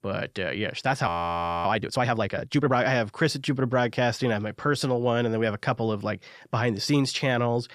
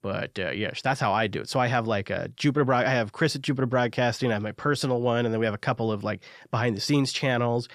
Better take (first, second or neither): second